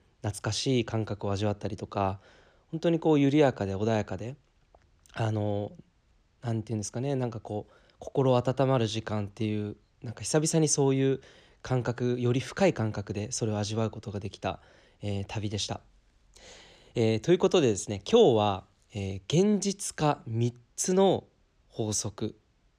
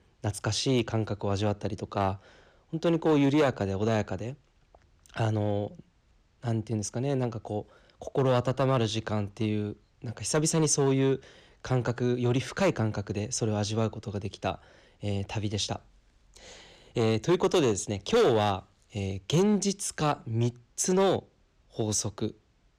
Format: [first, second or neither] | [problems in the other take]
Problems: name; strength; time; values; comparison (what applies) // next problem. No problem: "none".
first | distortion; slight; 3% of the sound clipped